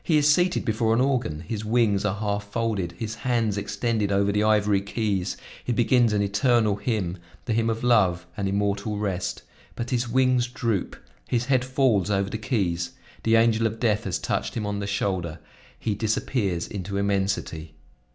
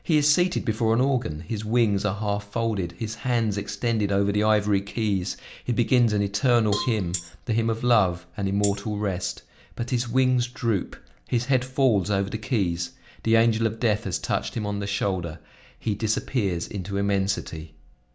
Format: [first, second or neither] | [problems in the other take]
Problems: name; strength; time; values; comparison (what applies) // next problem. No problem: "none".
first | background sound (Cowbell + Tambourine); 11 dB below the speech